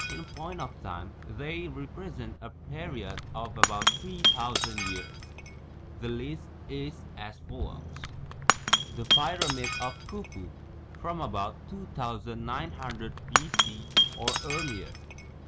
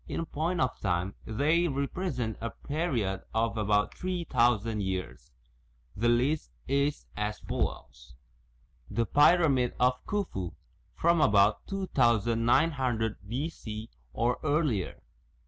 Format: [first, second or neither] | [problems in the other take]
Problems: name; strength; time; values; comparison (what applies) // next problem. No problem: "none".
second | background sound (Shatter / Crushing); 5 dB above the speech